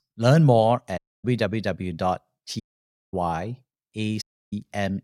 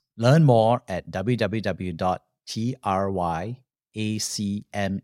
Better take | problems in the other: second | audio cutting out; at 1 s, at 2.5 s for 0.5 s and at 4 s

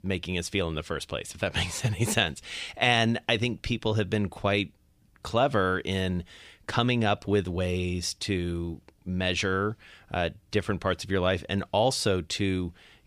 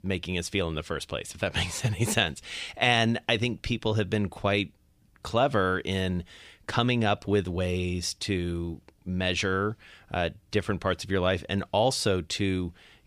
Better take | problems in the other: neither | none

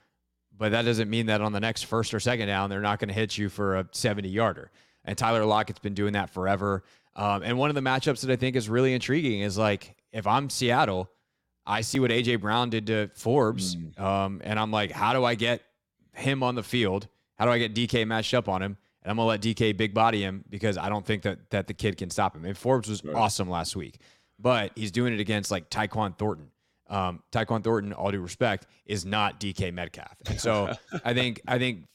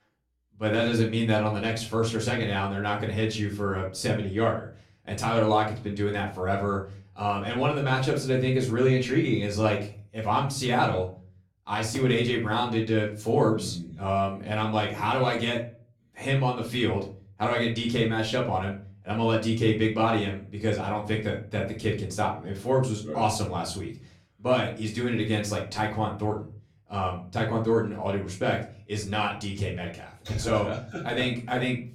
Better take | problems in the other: first | off-mic speech; far // room echo; slight; dies away in 0.4 s

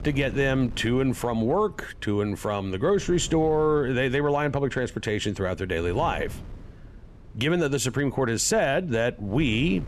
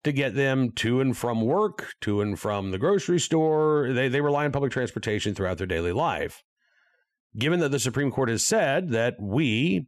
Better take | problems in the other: second | wind noise on the microphone; occasional gusts; 25 dB below the speech

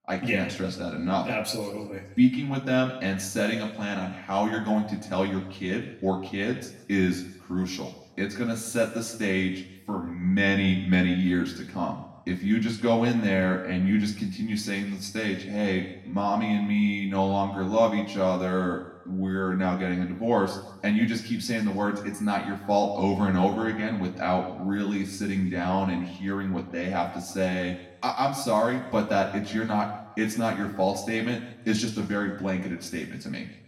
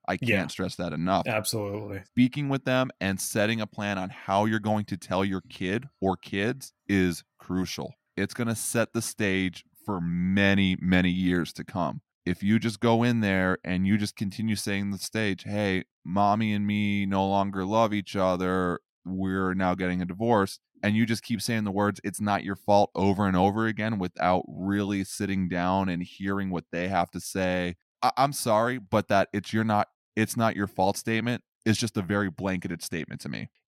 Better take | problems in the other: second | room echo; slight; dies away in 1 s // off-mic speech; far

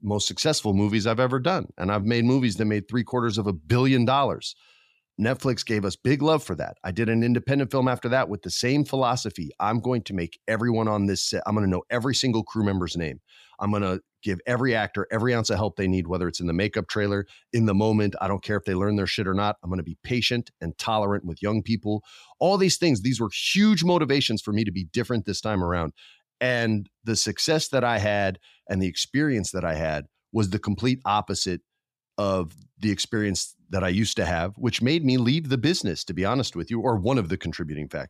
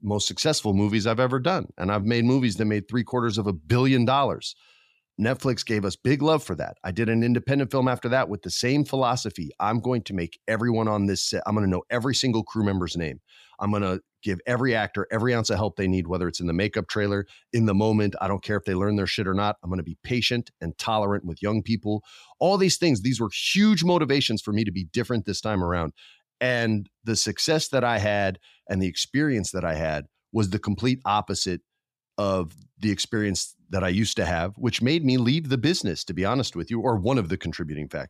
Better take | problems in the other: neither | none

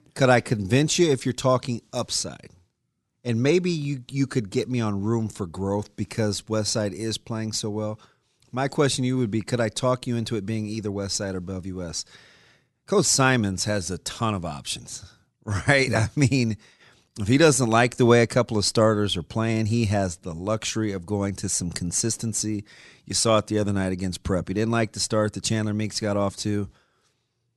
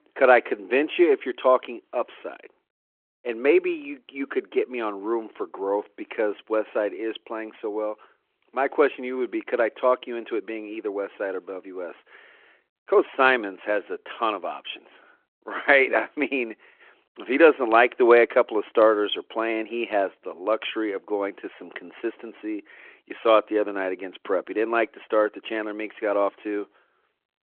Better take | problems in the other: first | phone-call audio

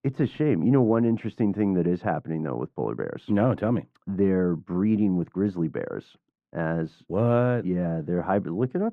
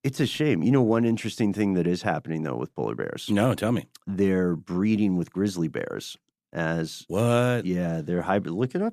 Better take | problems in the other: second | muffled; very; fading above 3.5 kHz

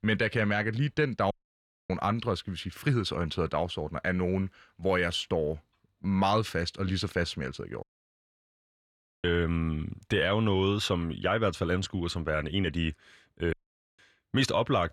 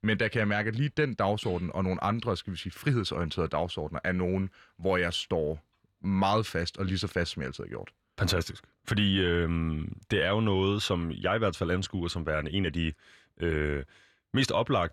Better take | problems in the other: second | audio cutting out; at 1.5 s for 0.5 s, at 8 s for 1.5 s and at 14 s

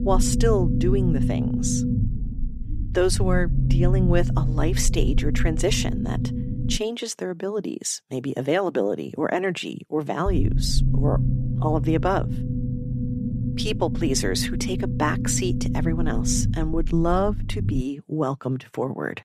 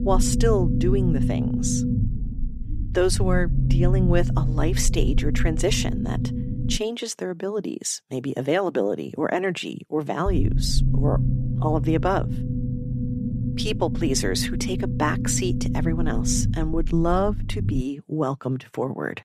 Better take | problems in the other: neither | low rumble; loud; until 7 s and from 10 to 18 s; 8 dB below the speech; the same in both

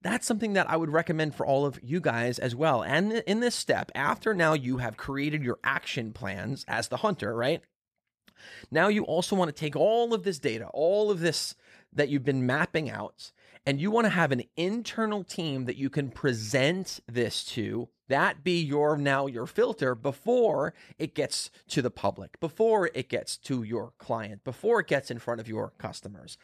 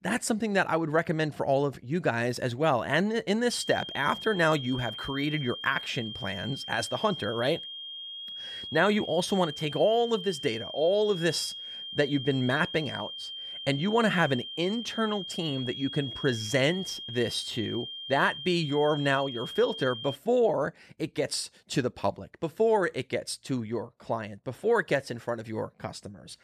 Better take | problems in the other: first | high-pitched whine; loud; from 3.5 to 20 s; 3 kHz, 8 dB below the speech

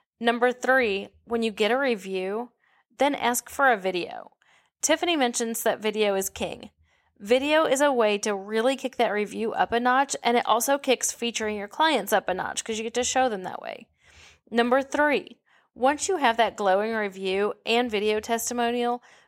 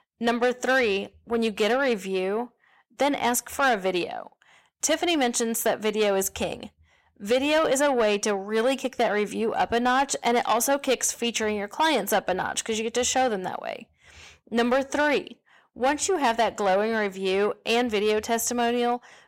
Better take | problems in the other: first | distortion; slight; 10 dB below the speech

